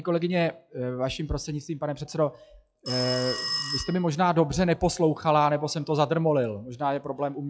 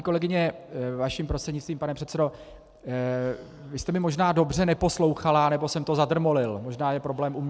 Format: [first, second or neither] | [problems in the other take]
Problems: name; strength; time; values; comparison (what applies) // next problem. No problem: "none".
second | noise reduction (classical method log-MMSE)